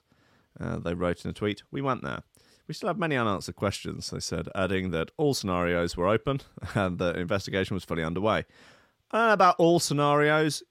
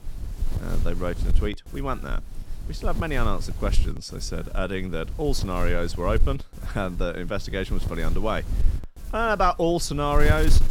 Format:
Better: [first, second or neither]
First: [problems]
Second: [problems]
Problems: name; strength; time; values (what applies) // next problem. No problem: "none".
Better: first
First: none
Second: wind noise on the microphone; occasional gusts; 15 dB below the speech